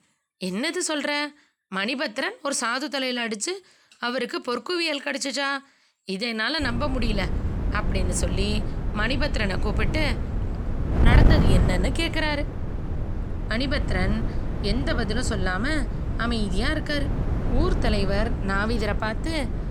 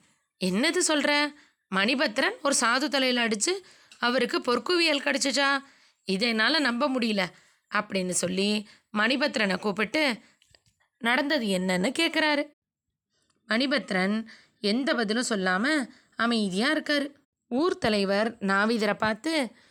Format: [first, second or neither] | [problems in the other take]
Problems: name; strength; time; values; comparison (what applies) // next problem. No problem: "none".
second | wind noise on the microphone; heavy; from 6.5 s on; 9 dB below the speech